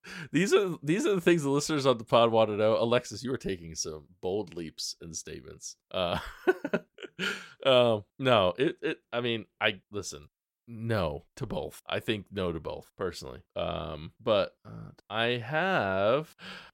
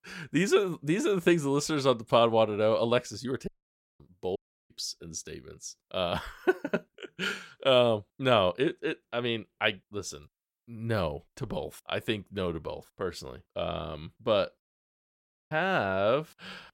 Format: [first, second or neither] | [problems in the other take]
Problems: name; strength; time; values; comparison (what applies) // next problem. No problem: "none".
first | audio cutting out; at 3.5 s for 0.5 s, at 4.5 s and at 15 s for 1 s